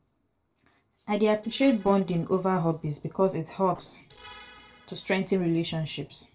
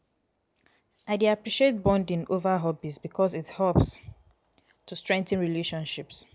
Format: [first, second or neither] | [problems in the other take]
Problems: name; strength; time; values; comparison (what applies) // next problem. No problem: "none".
second | noise reduction (neural separator model SepFormer DNS4)